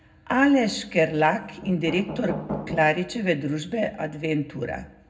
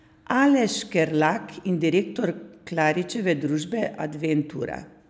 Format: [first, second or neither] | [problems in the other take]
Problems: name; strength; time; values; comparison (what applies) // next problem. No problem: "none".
second | background sound (Knock); 8 dB below the speech // room echo; dies away in 0.3 s